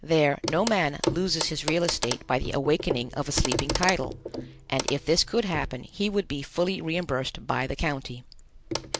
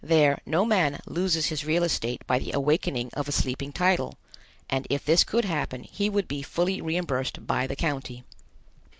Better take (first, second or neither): second